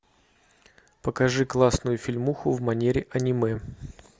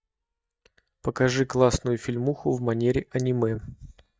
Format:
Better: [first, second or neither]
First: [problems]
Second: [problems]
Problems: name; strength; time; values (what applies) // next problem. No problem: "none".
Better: first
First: none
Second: noise reduction (neural mask model DeepFilterNet 3)